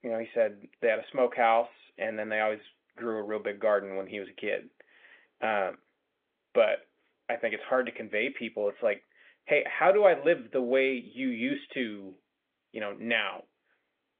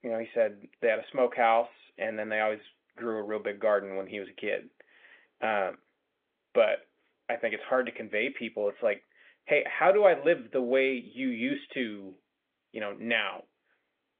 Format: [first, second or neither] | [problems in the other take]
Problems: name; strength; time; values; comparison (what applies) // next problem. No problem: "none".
neither | phone-call audio; nothing above 3.5 kHz; the same in both